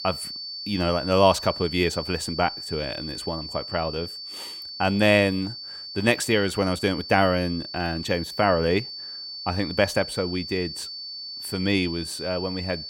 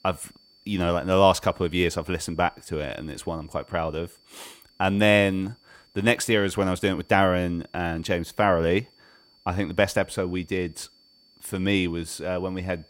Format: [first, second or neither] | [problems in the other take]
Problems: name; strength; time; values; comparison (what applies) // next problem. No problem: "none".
second | high-pitched whine; loud; throughout; 4.5 kHz, 9 dB below the speech; faint in the second